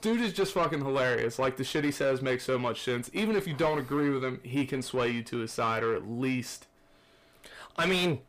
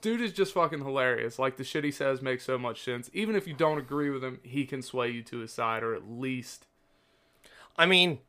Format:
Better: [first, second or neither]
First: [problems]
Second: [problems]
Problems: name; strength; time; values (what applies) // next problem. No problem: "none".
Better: second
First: distortion; heavy; 6 dB below the speech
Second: none